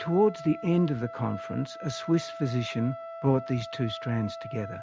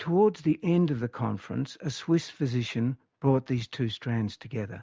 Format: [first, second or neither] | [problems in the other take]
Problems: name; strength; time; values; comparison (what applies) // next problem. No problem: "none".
second | background sound (Trumpet); 12 dB below the speech